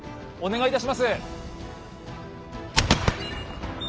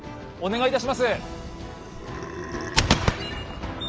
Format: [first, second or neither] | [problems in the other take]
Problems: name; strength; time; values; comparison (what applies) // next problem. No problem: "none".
first | background sound (Burping, eructation); 10 dB below the speech